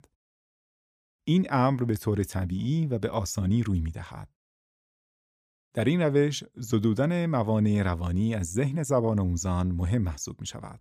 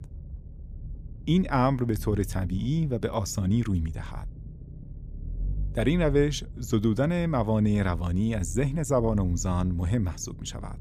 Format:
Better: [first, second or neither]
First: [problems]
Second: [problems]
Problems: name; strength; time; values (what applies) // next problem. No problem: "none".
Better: first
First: none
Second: low rumble; faint; throughout; 25 dB below the speech